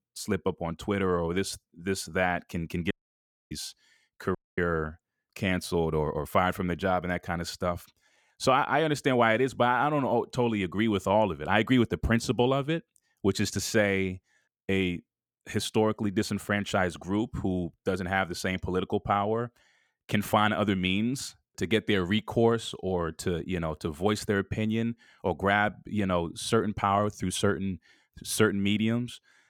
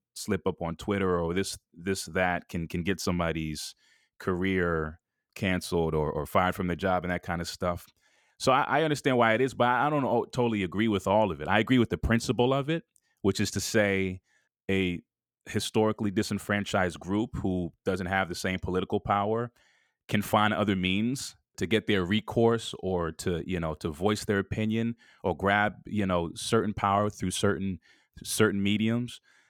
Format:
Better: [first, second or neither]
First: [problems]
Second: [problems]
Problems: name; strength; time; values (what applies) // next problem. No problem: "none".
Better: second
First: audio cutting out; at 3 s for 0.5 s and at 4.5 s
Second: none